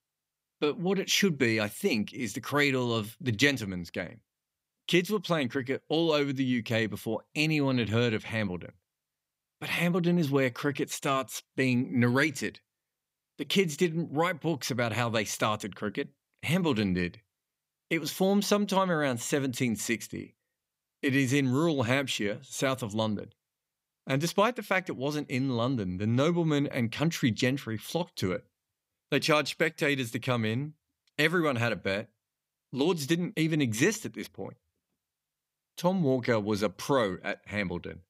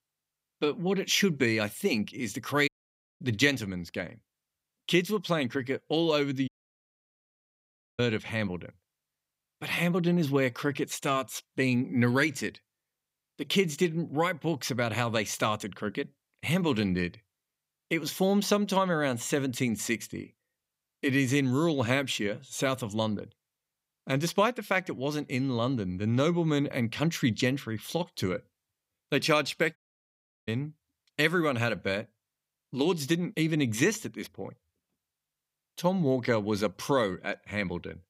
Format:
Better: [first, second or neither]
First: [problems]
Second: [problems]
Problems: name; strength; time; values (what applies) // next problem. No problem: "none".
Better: first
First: none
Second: audio cutting out; at 2.5 s for 0.5 s, at 6.5 s for 1.5 s and at 30 s for 0.5 s